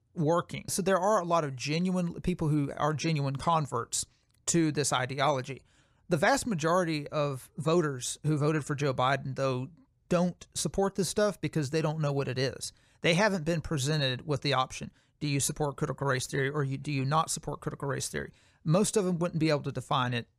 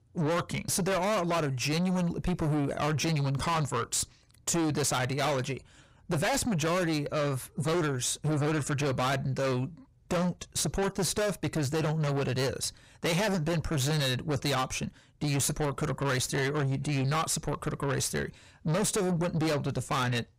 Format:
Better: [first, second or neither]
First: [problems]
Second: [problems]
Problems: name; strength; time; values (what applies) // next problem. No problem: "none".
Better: first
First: none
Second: distortion; heavy; 6 dB below the speech